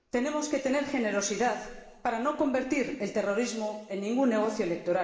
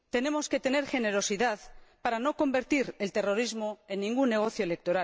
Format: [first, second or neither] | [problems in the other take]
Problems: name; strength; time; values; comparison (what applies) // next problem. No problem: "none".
second | room echo; dies away in 1.2 s